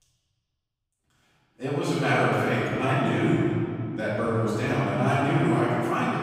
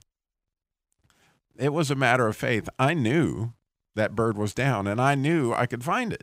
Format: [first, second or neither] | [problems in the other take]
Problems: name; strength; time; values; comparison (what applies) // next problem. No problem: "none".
second | off-mic speech; far // room echo; strong; dies away in 2.3 s